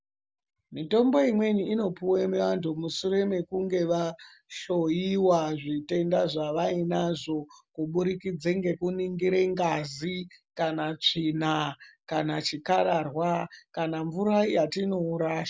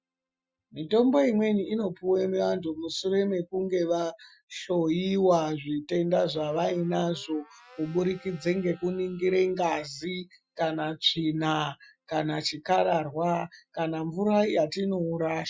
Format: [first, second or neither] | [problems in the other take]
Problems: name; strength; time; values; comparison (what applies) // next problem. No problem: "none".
first | noise reduction (classical method Wiener filter)